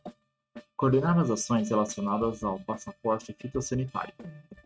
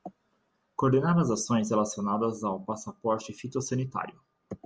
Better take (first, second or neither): second